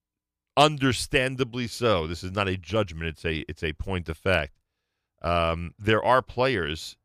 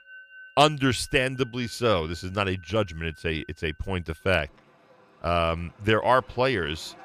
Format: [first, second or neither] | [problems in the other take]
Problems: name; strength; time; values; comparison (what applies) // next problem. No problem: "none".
first | background music; faint; throughout; 25 dB below the speech